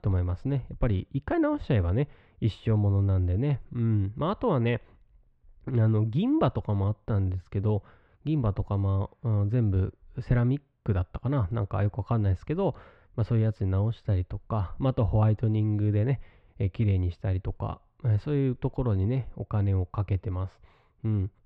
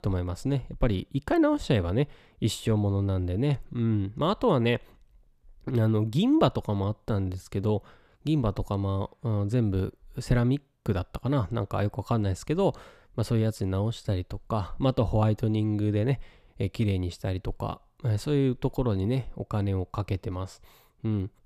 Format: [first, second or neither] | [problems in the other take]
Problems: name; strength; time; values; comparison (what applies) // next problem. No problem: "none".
second | muffled; slightly; fading above 2 kHz